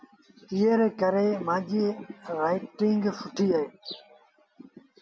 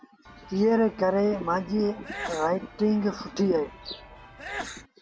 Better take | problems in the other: first | background sound (Sneeze / Church bell); 15 dB below the speech

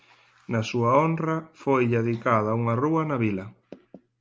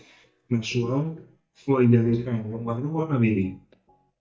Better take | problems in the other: first | noise reduction (neural mask model DeepFilterNet 3)

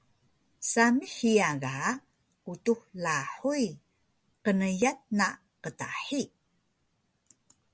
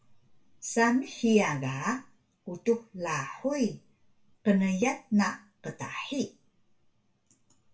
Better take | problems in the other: first | room echo; dies away in 0.3 s

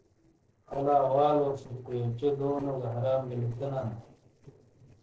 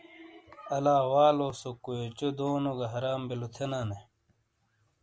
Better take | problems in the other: second | noise reduction (neural separator model SepFormer DNS4)

